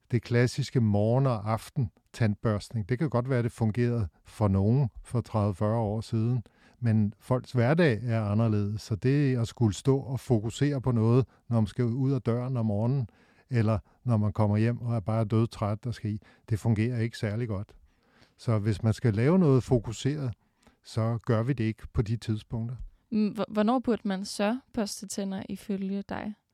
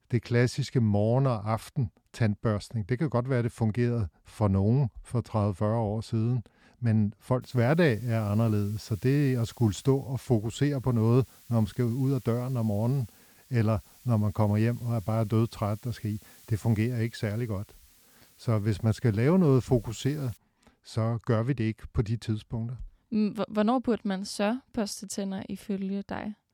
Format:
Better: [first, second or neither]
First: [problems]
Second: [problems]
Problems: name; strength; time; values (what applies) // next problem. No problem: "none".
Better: first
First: none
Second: hiss; faint; from 7.5 to 20 s; 25 dB below the speech